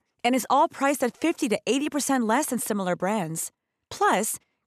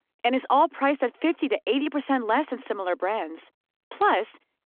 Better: first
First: none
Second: phone-call audio

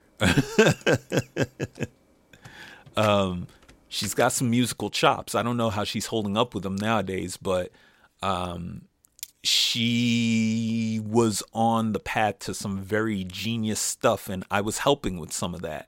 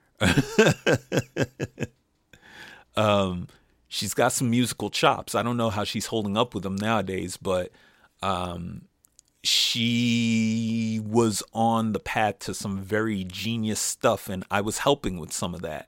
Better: second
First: keyboard typing; faint; until 4.5 s; peak 15 dB below the speech // clattering dishes; very faint; at 9 s; peak 15 dB below the speech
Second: none

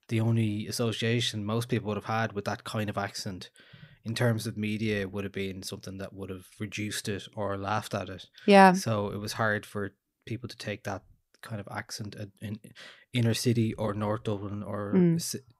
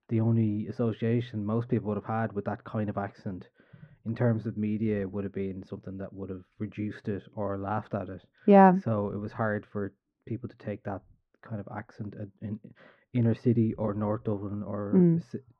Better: first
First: none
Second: muffled; very; fading above 1 kHz

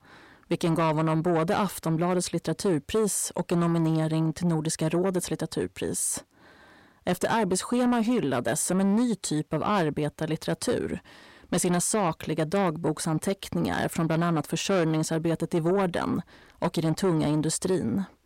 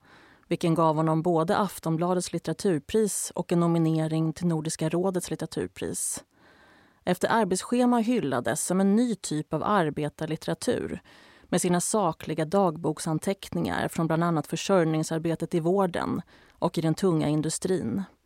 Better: second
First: distortion; slight; 10 dB below the speech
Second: none

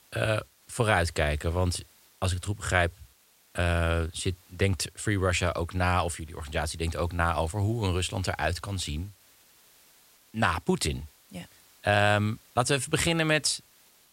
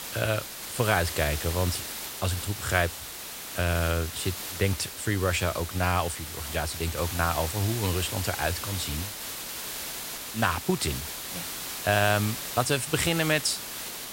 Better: first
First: hiss; faint; throughout; 30 dB below the speech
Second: hiss; loud; throughout; 6 dB below the speech

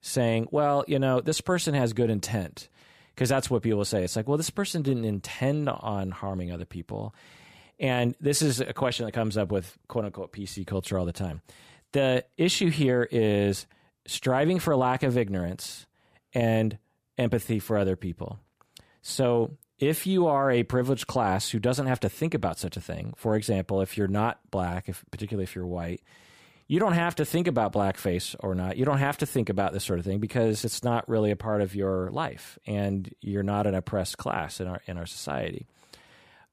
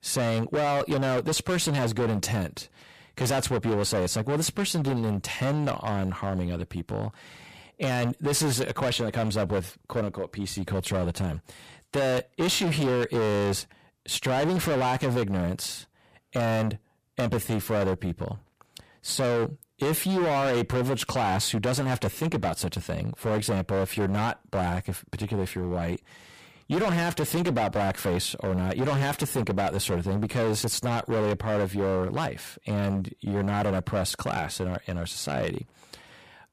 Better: first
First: none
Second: distortion; heavy; 19% of the sound clipped

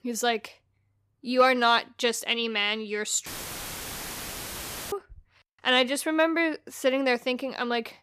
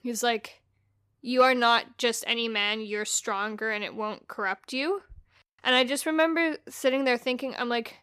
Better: second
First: audio cutting out; filled with static; at 3.5 s for 1.5 s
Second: none

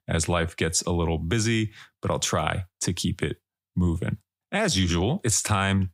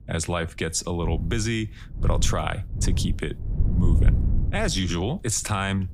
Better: first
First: none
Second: wind noise on the microphone; occasional gusts; 15 dB below the speech

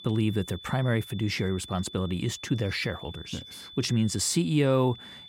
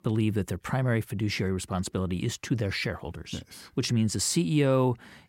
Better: second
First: high-pitched whine; noticeable; throughout; 3.5 kHz, 15 dB below the speech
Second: none

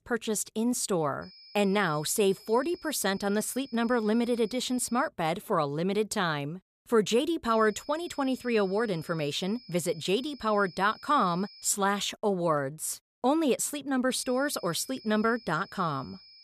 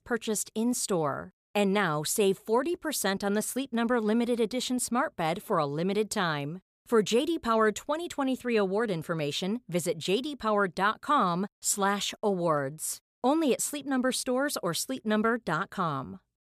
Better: second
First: high-pitched whine; faint; from 1 to 5 s, from 7.5 to 12 s and from 14 s on; 5 kHz, 20 dB below the speech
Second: none

